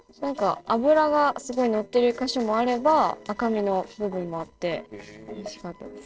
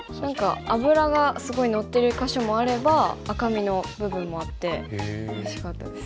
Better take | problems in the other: second | noise reduction (neural separator model SepFormer DNS4)

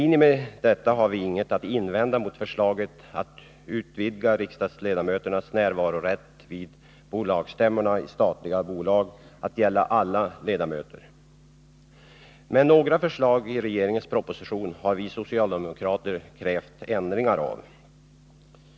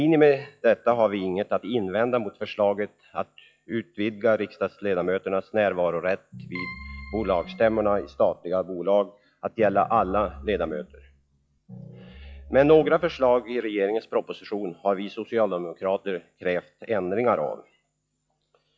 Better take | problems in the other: first | noise reduction (classical method log-MMSE)

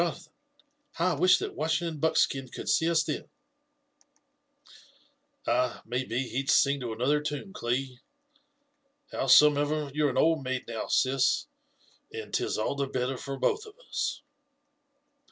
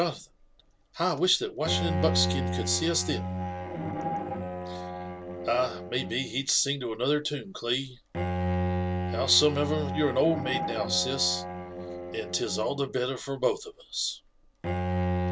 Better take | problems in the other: first | background sound (Bowed string instrument); 3 dB below the speech

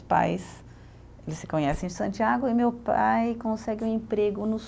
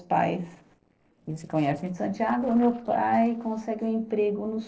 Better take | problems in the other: first | noise reduction (neural separator model SepFormer DNS4)

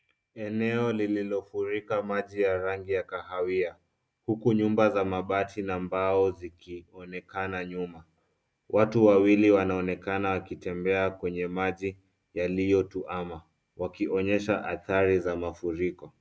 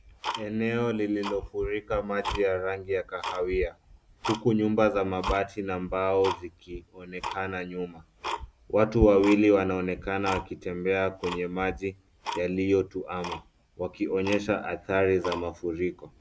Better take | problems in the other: first | background sound (Tick-tock); 11 dB below the speech

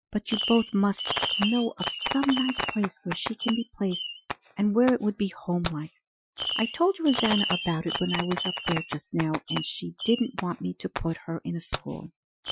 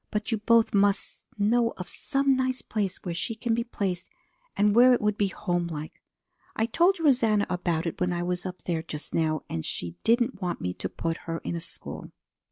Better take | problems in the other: second | noise reduction (classical method Wiener filter)

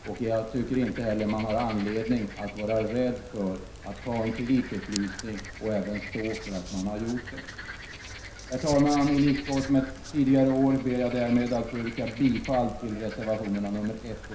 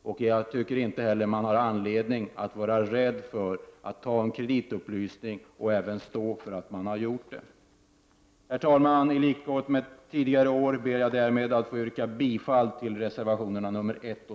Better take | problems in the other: second | background sound (Frog); 12 dB below the speech // room echo; dies away in 0.5 s

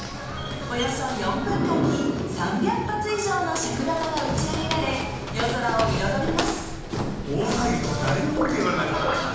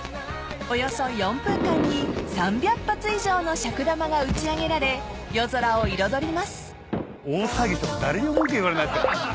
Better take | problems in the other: second | background sound (Walk, footsteps); 9 dB below the speech // room echo; dies away in 1 s

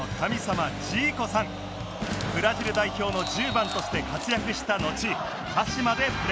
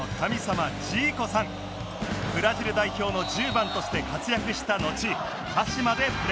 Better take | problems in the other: second | background sound (Camera); 20 dB below the speech

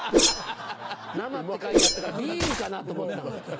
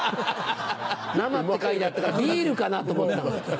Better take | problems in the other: second | background sound (Whoosh, swoosh, swish); 4 dB above the speech

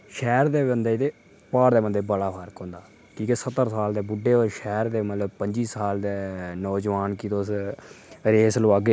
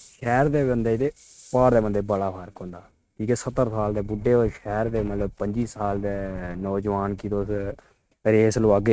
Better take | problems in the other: first | noise reduction (neural mask model RNNoise)

